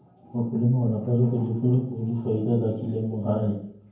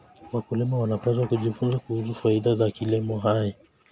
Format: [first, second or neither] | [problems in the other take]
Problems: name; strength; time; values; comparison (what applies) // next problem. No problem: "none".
second | room echo; dies away in 0.9 s